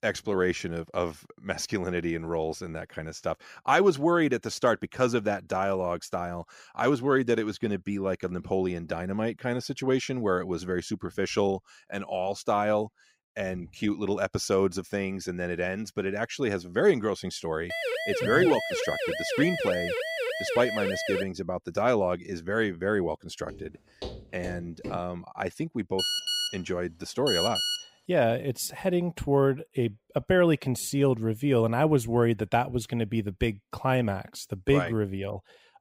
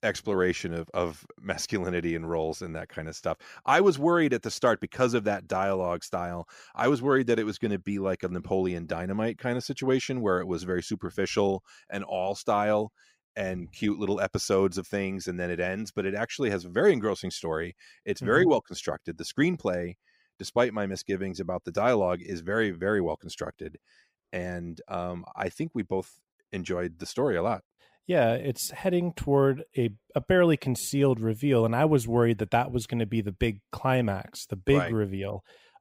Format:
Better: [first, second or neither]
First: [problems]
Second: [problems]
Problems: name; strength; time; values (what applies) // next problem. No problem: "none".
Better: second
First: siren; noticeable; from 18 to 21 s; peak 1 dB below the speech // footsteps; faint; from 23 to 25 s; peak 10 dB below the speech // phone ringing; loud; from 26 to 28 s; peak 2 dB above the speech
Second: none